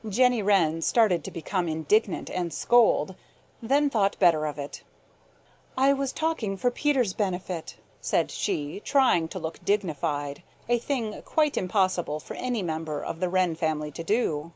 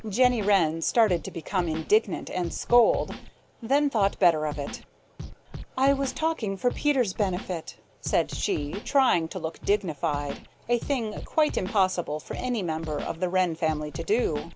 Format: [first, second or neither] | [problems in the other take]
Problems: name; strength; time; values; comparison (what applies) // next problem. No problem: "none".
first | background sound (Scratching (performance technique)); 13 dB below the speech